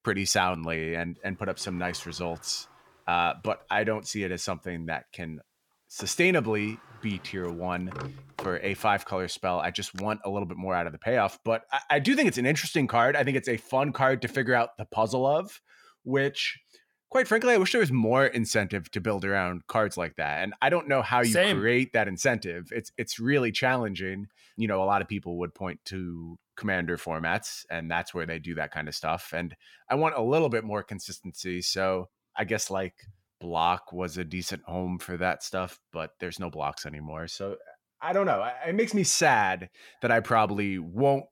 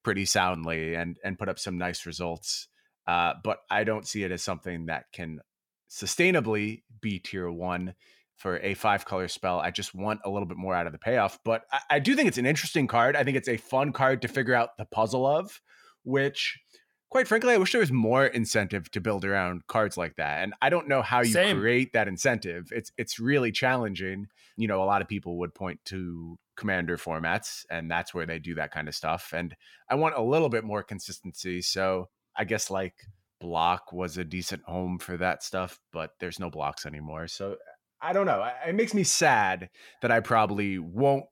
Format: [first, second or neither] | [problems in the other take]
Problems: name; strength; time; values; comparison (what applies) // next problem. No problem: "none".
second | door banging; faint; from 1.5 to 10 s; peak 10 dB below the speech